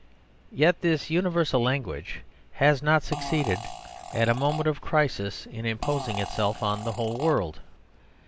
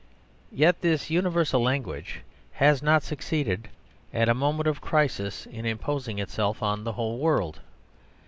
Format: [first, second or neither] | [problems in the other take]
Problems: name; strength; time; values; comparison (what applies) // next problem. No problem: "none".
second | background sound (Fart); 11 dB below the speech